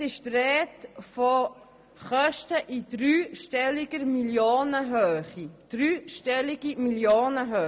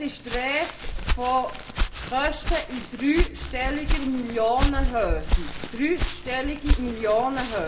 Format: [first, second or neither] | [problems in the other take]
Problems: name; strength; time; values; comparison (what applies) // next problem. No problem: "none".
first | background sound (Walk, footsteps); as loud as the speech // room echo; dies away in 0.4 s